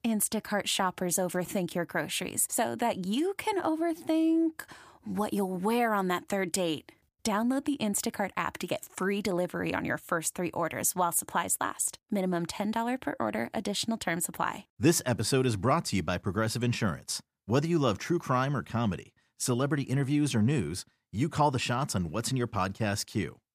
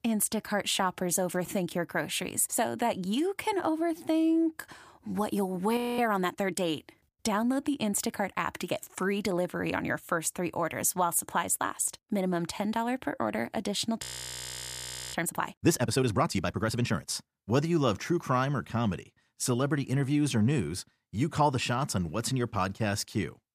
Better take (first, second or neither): first